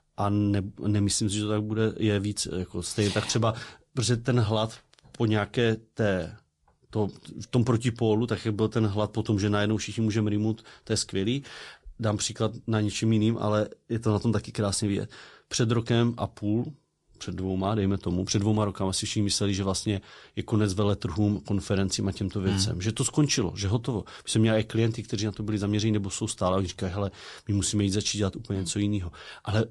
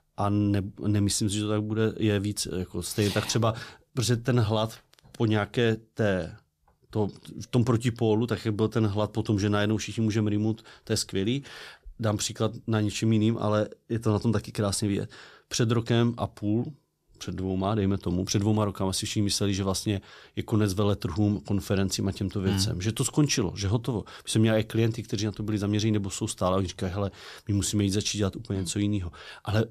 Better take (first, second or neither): second